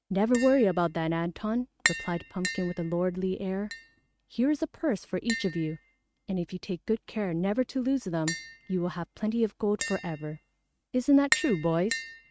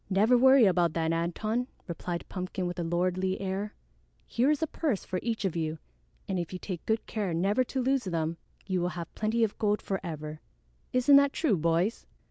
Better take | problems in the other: second | noise reduction (neural mask model RNNoise)

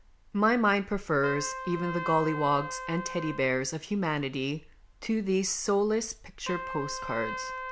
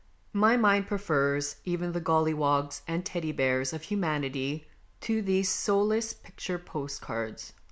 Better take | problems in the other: second | background sound (Trumpet); 11 dB below the speech

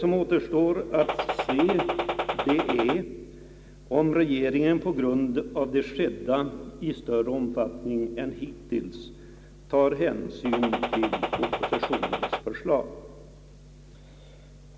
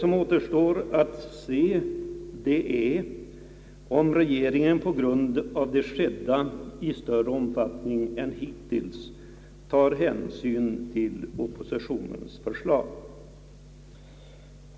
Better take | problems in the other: second | background sound (Gunshot, gunfire); 2 dB below the speech

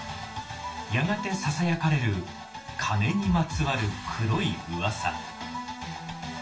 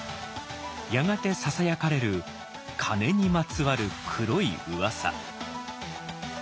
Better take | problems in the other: second | room echo; dies away in 0.3 s

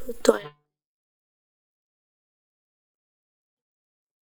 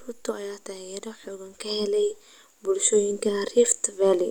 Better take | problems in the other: second | noise reduction (neural mask model DeepFilterNet 3)

